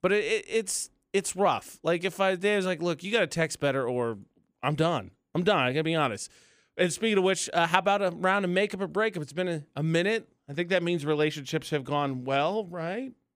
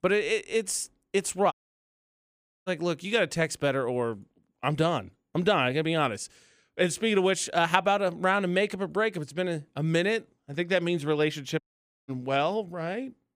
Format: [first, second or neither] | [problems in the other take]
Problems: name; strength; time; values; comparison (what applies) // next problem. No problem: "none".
first | audio cutting out; at 1.5 s for 1 s and at 12 s